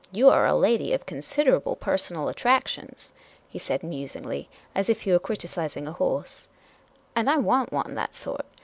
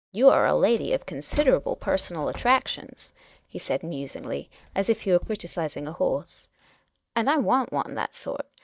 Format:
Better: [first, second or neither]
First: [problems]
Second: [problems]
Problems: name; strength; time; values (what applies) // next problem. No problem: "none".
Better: first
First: none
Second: noise reduction (neural mask model DeepFilterNet 3)